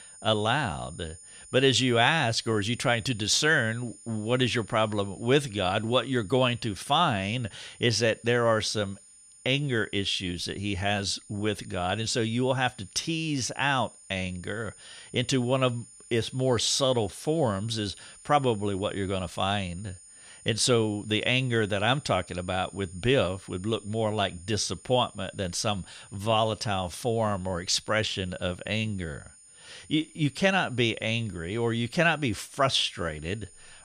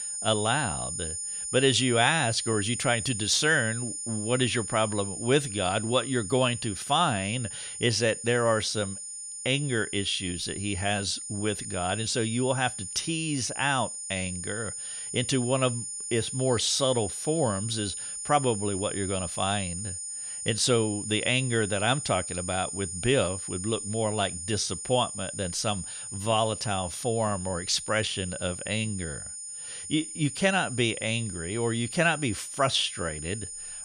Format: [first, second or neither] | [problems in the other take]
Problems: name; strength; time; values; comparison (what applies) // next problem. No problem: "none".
first | high-pitched whine; loud; throughout; 9 kHz, 6 dB below the speech; faint in the first